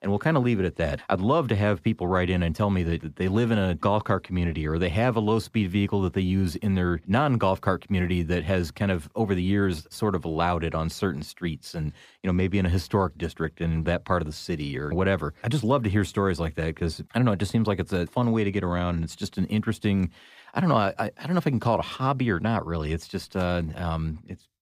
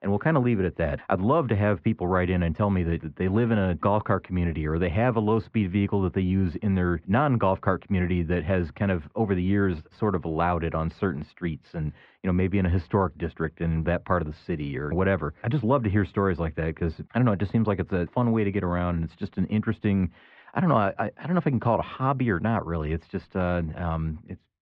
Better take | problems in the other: first | muffled; very; fading above 2.5 kHz

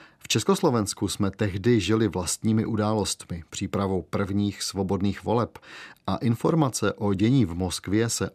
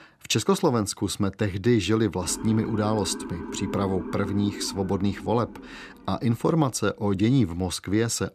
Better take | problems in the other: first | siren; noticeable; from 2 to 6 s; peak 9 dB below the speech

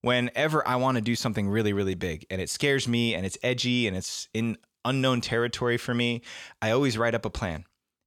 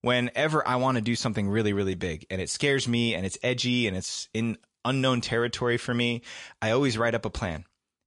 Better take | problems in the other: first | garbled, watery; slightly; nothing above 10.5 kHz

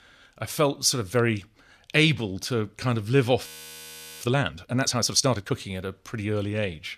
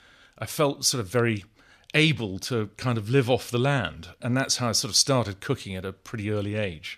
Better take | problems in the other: second | audio freezing; at 3.5 s for 1 s

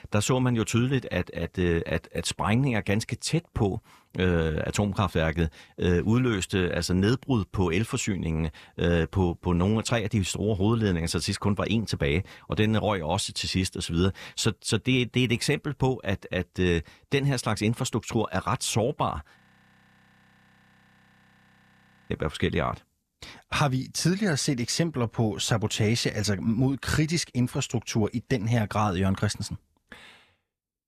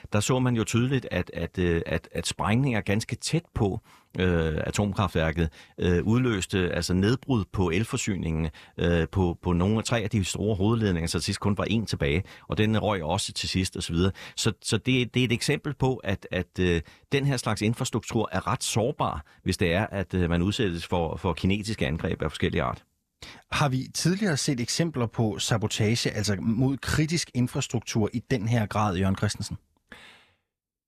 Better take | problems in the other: second | audio freezing; at 19 s for 2.5 s

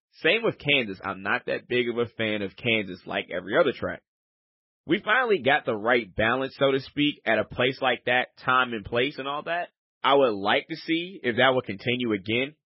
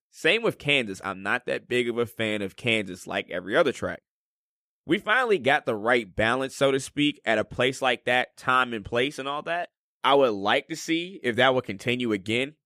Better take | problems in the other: second | garbled, watery; badly; nothing above 5.5 kHz

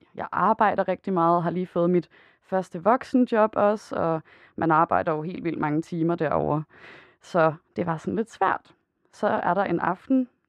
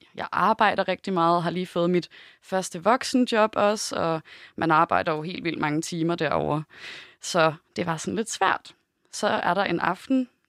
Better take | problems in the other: second | muffled; very; fading above 2.5 kHz

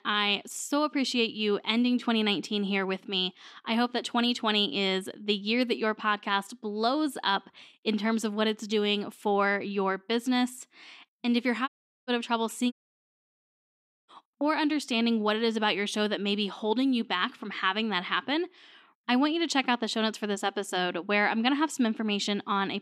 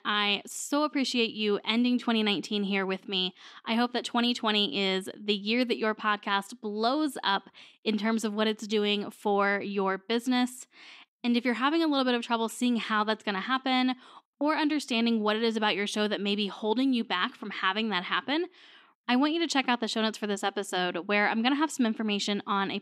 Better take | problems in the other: second | audio cutting out; at 12 s and at 13 s for 1.5 s

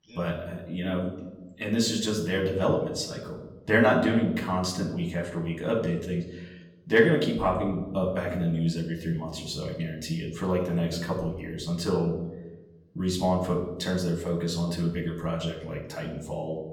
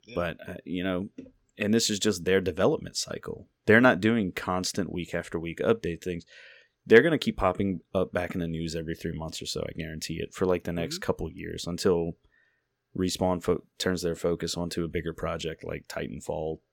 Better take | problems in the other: second | off-mic speech; far // room echo; noticeable; dies away in 0.8 s

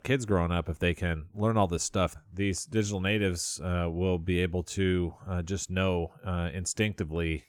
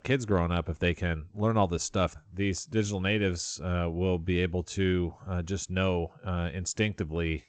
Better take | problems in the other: first | garbled, watery; slightly; nothing above 7.5 kHz

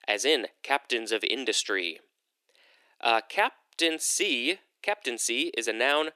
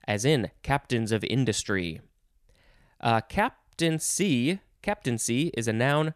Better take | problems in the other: second | thin; very; fading below 300 Hz

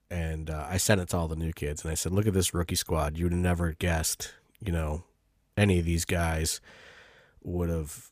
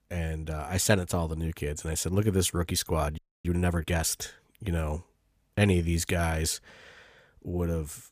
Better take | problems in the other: first | audio freezing; at 3 s

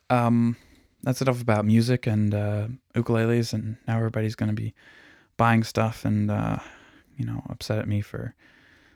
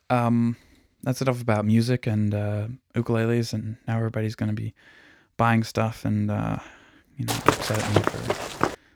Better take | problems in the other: first | footsteps; loud; from 7.5 s on; peak 3 dB above the speech

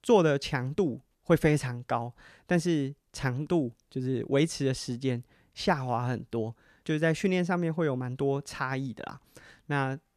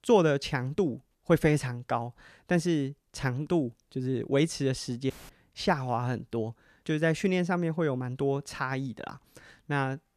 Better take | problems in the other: first | audio cutting out; filled with static; at 5 s

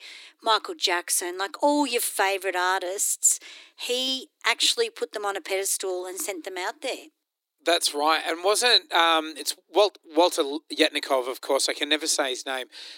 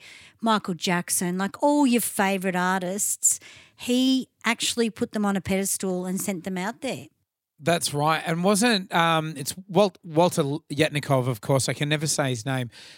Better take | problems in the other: second | thin; somewhat; fading below 300 Hz

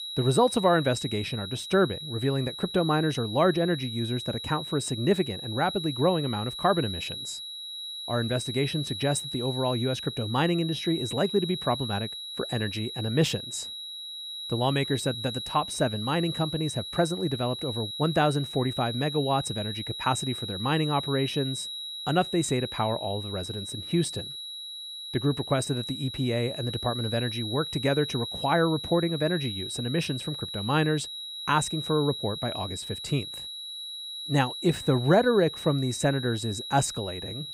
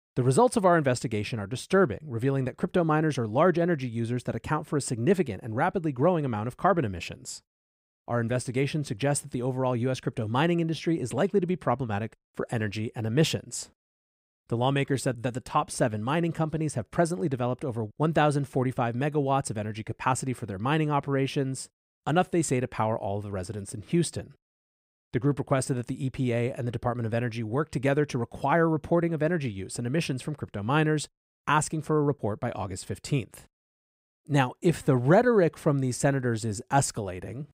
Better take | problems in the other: second | high-pitched whine; loud; throughout; 4 kHz, 7 dB below the speech

